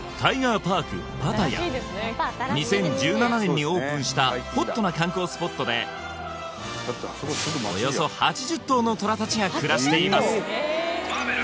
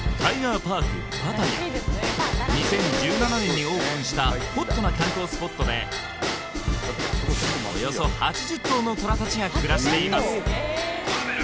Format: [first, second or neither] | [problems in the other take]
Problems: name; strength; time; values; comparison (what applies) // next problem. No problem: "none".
first | background sound (Bell / Drum / Drum kit); 1 dB below the speech